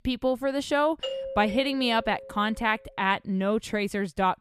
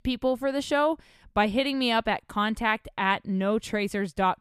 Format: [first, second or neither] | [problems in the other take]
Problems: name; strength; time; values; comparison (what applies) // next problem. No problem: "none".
second | doorbell; noticeable; from 1 to 2.5 s; peak 6 dB below the speech